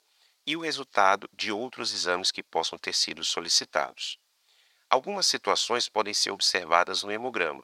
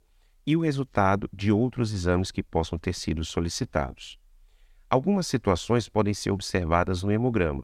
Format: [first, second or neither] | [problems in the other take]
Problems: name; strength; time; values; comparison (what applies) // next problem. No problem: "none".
second | thin; very; fading below 700 Hz